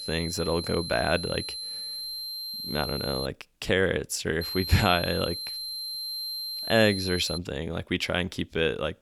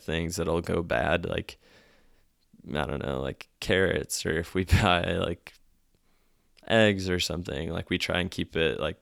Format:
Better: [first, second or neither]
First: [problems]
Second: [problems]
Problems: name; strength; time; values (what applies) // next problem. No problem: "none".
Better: second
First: high-pitched whine; loud; until 3.5 s and from 4.5 to 7.5 s; 4 kHz, 5 dB below the speech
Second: none